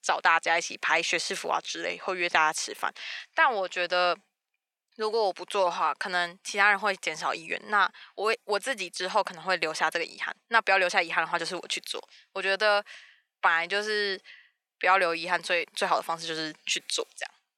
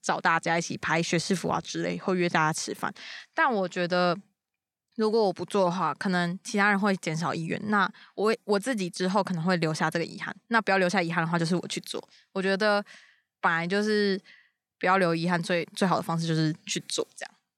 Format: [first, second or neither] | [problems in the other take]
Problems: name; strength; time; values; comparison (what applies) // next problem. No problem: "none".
second | thin; very; fading below 600 Hz